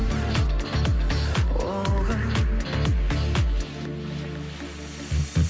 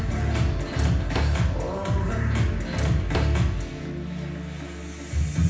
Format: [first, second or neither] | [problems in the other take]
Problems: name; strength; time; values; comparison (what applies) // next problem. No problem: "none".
first | background sound (Drawer open or close); 12 dB below the speech // room echo; dies away in 0.9 s